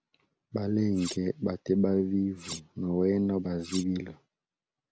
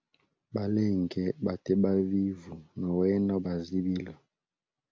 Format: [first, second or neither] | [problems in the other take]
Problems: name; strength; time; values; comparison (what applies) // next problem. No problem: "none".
second | background sound (Cutlery, silverware); 14 dB below the speech